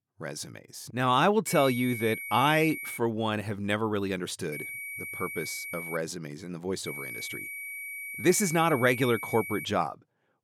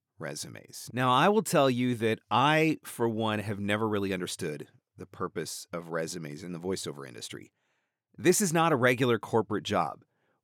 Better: second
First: high-pitched whine; loud; from 1.5 to 3 s, from 4.5 to 6 s and from 7 to 9.5 s; 2.5 kHz, 9 dB below the speech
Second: none

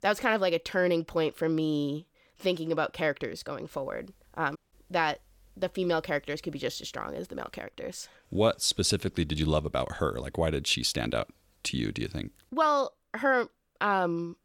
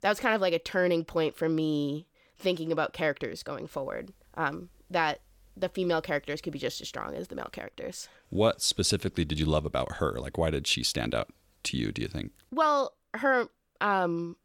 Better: second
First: audio cutting out; at 4.5 s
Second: none

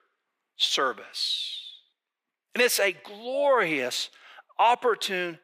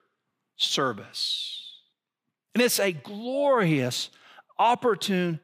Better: second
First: thin; somewhat; fading below 450 Hz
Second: none

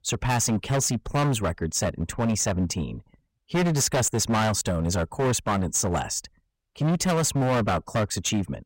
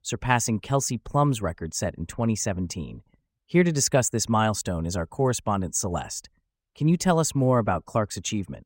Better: second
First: distortion; heavy; 19% of the sound clipped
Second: none

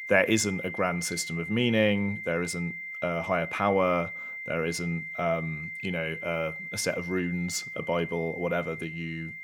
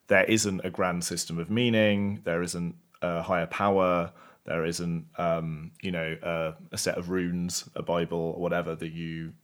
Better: second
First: high-pitched whine; loud; throughout; 2 kHz, 7 dB below the speech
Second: none

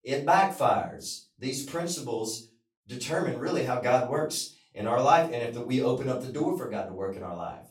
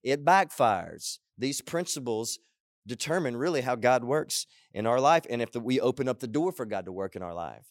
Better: second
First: off-mic speech; far // room echo; slight; dies away in 0.3 s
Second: none

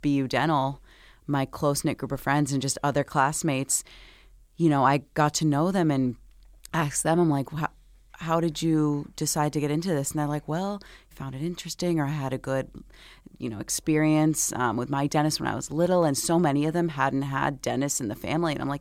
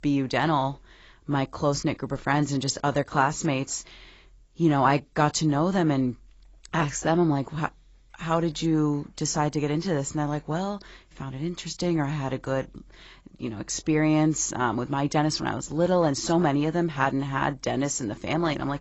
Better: first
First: none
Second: garbled, watery; badly; nothing above 7.5 kHz

